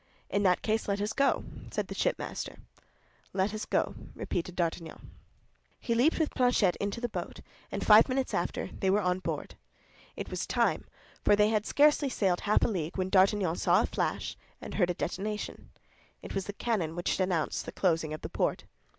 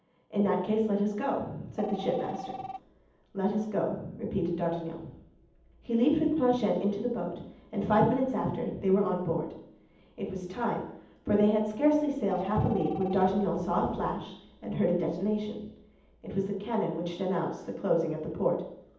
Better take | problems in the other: first | background sound (Telephone); 15 dB below the speech // room echo; dies away in 0.8 s

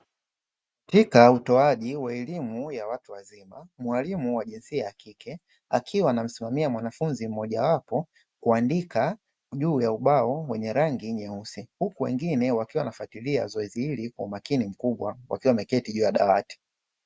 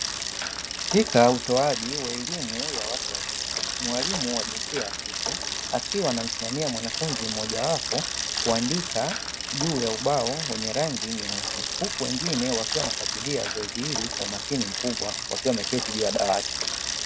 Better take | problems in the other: first | background sound (Bicycle); 1 dB below the speech

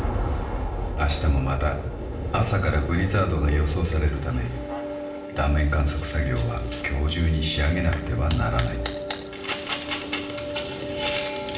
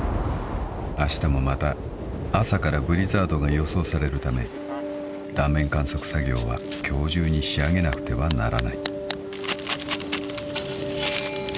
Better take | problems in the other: second | room echo; dies away in 0.8 s

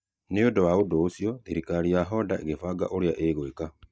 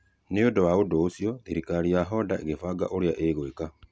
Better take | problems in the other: second | noise reduction (neural mask model DeepFilterNet 3)

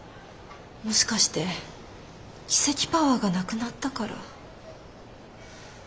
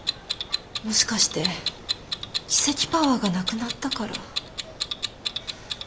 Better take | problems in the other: first | background sound (Clock); 5 dB below the speech

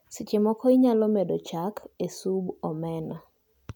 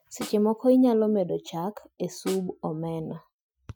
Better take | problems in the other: first | noise reduction (classical method Wiener filter)

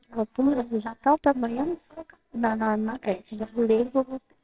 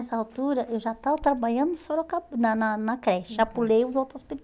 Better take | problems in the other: second | noise reduction (neural separator model SepFormer WHAMR!)

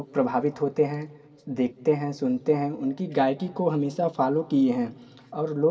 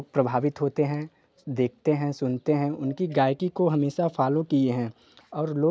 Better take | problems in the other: second | room echo; dies away in 1.1 s

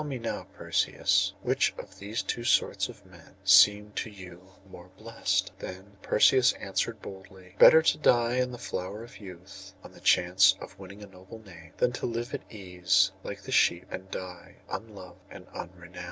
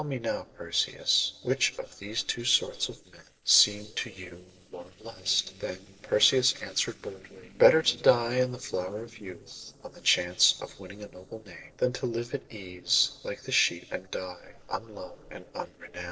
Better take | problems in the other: first | noise reduction (neural separator model SepFormer DNS4)

